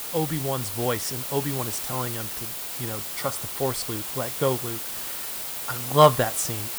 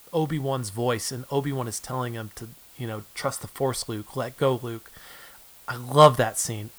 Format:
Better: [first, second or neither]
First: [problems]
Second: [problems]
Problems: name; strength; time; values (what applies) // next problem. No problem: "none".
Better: second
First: hiss; loud; throughout; 3 dB below the speech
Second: hiss; faint; throughout; 20 dB below the speech